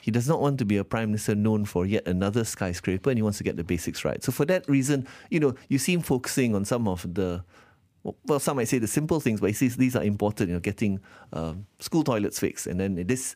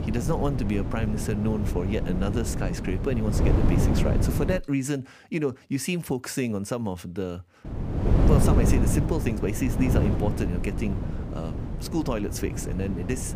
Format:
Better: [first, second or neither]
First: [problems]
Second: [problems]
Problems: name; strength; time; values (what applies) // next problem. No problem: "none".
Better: first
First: none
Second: wind noise on the microphone; heavy; until 4.5 s and from 7.5 s on; 3 dB below the speech